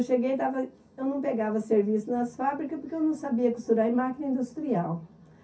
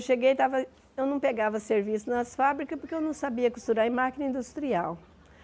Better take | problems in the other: second | room echo; dies away in 0.3 s

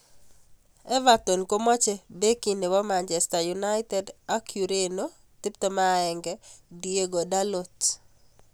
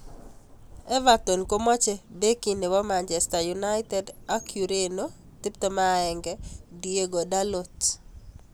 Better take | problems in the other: first | background sound (Bird + Thunder); 18 dB below the speech

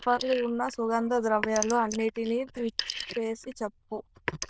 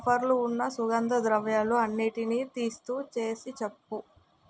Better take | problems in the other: second | noise reduction (neural diffusion model UNIVERSE++)

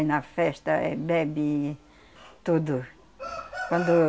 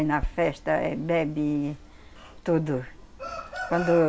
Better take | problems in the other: first | background sound (Chewing, mastication); 15 dB below the speech

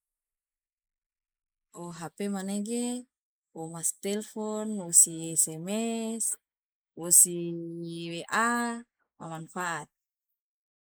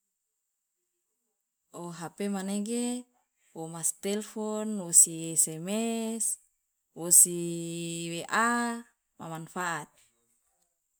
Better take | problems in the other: second | noise reduction (neural mask model Resemble Enhance denoiser)

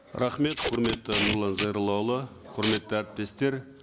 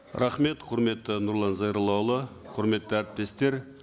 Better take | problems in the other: second | background sound (Packing tape, duct tape); 6 dB below the speech

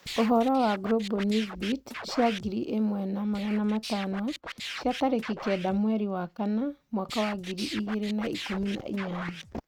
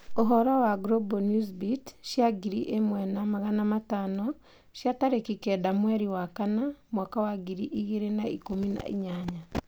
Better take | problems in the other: second | noise reduction (neural mask model RNNoise)

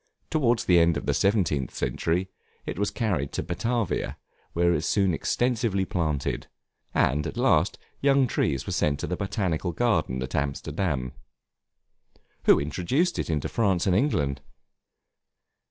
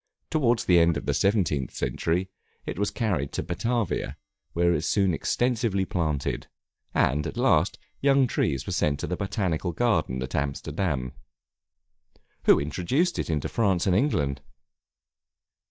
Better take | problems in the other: first | noise reduction (neural mask model DeepFilterNet 3)

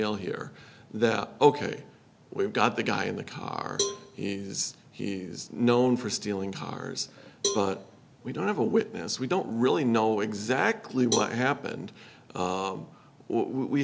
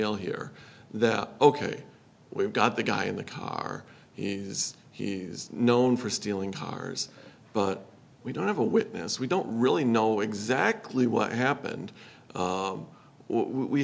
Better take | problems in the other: second | background sound (Cowbell); 11 dB below the speech

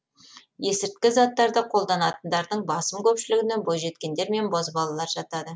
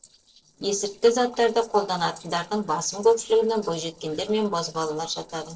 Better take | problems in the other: first | noise reduction (neural separator model SepFormer DNS4)

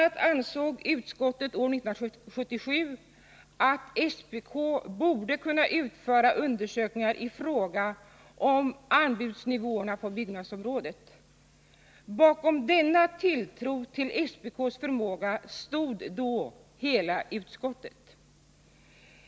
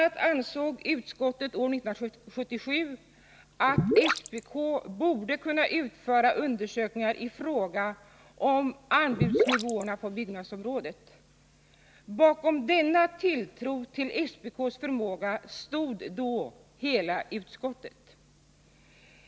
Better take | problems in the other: first | background sound (Gurgling / Liquid); 2 dB above the speech

